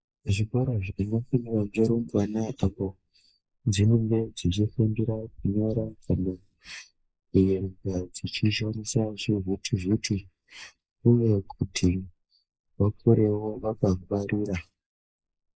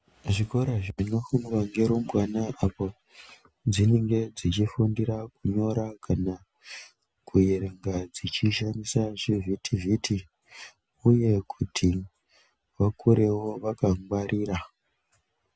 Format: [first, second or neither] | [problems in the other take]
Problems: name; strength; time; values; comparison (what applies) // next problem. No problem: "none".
second | noise reduction (neural mask model Resemble Enhance denoiser)